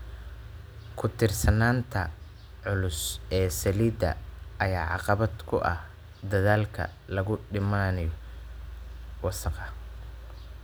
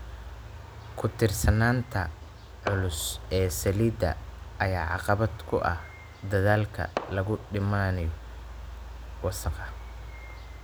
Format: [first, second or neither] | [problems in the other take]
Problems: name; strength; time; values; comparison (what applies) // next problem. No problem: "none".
first | background sound (Fireworks); 16 dB below the speech